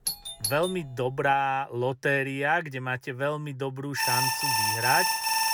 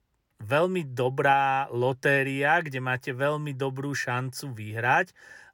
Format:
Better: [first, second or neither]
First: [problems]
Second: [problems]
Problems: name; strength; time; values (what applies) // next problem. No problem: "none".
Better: second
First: doorbell; noticeable; at the start; peak 3 dB below the speech // alarm; loud; from 4 s on; peak 4 dB above the speech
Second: none